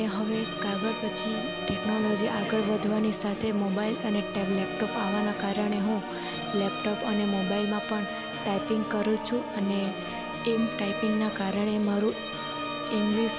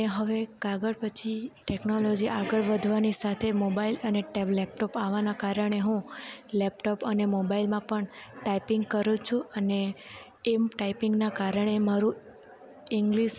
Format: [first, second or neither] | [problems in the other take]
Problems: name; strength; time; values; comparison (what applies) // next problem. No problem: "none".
second | background sound (Bowed string instrument + Organ); 5 dB below the speech